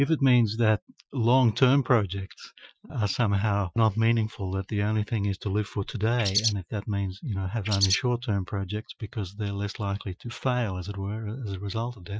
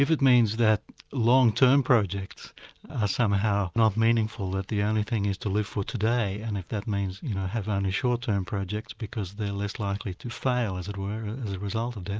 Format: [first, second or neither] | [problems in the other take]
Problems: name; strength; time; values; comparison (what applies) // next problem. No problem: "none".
second | noise reduction (classical method Wiener filter)